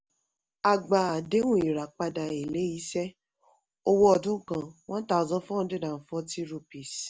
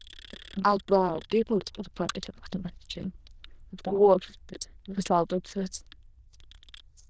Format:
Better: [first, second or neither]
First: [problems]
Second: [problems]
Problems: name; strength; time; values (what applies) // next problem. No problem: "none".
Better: first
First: none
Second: noise reduction (neural diffusion model UNIVERSE++)